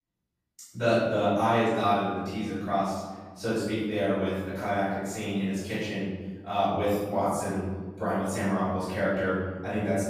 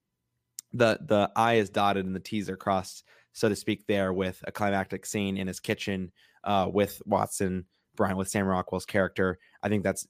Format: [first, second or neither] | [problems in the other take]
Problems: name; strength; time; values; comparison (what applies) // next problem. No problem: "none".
second | off-mic speech; far // room echo; strong; dies away in 1.3 s